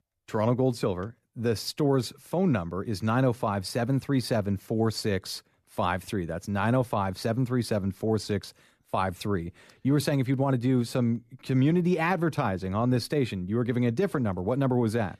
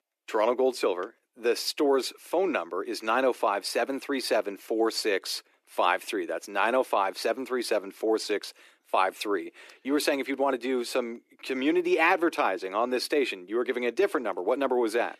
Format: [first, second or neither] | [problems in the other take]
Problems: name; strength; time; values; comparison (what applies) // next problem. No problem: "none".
first | thin; somewhat; fading below 300 Hz